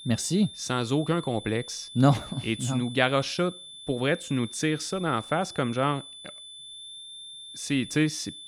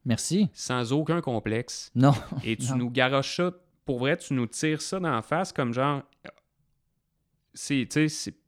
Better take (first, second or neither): second